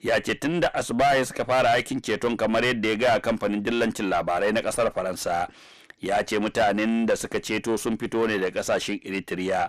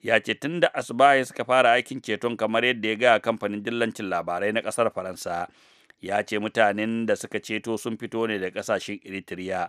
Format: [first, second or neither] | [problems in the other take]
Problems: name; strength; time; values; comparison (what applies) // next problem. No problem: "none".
second | distortion; heavy; 5 dB below the speech